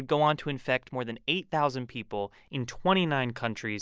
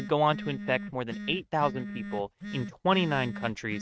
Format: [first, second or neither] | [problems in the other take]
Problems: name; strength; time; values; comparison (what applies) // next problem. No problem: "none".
first | noise reduction (neural mask model RNNoise)